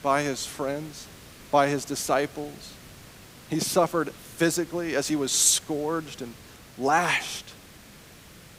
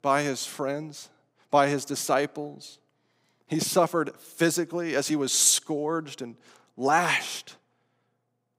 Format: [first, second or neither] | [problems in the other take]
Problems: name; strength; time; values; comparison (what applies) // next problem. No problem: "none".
second | hiss; faint; throughout; 20 dB below the speech